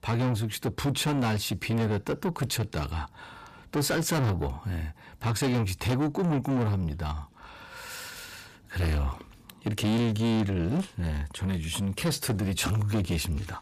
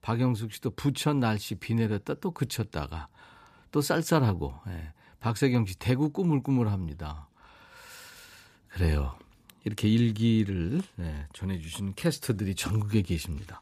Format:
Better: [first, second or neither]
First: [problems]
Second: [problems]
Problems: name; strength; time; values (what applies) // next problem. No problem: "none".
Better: second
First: distortion; heavy; 6 dB below the speech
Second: none